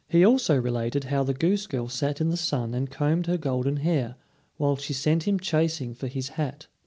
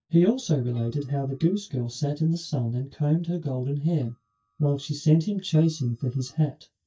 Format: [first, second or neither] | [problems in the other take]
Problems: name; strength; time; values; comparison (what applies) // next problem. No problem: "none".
first | noise reduction (neural mask model DeepFilterNet 3)